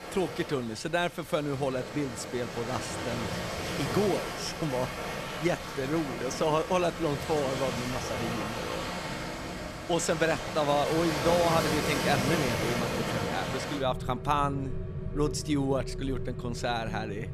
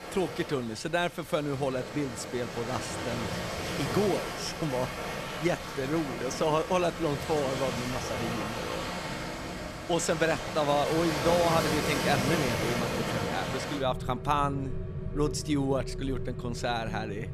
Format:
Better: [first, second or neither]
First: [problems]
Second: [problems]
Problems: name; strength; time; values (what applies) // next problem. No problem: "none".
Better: neither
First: rain or running water; loud; throughout; 3 dB below the speech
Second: rain or running water; loud; throughout; 3 dB below the speech